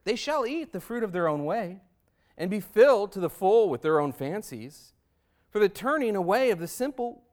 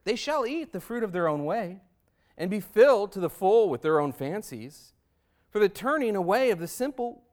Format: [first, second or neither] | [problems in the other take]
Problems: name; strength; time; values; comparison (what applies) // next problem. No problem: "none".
neither | none